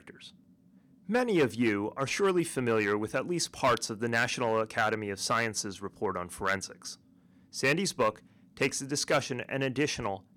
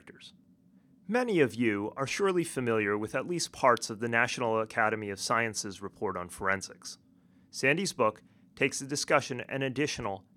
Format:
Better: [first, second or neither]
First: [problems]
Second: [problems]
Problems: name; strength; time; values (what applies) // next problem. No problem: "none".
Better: second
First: distortion; slight; 2% of the sound clipped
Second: none